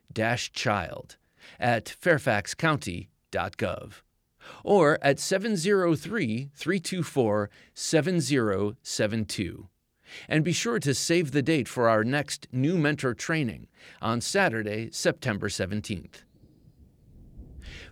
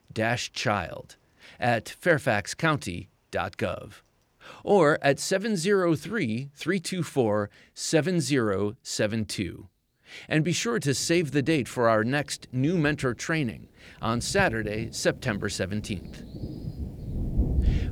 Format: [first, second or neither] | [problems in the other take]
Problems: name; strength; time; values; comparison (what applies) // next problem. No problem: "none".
first | rain or running water; loud; throughout; 9 dB below the speech; faint in the first